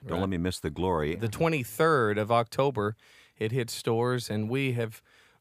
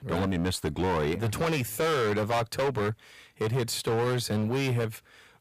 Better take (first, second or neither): first